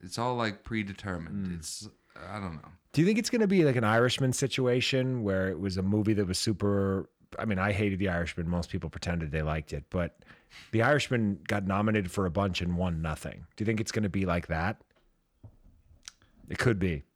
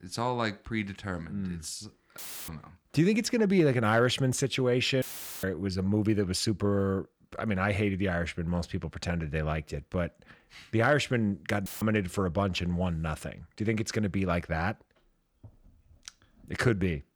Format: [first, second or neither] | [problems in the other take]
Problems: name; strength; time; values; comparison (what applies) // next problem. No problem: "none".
first | audio cutting out; filled with static; at 2 s, at 5 s and at 12 s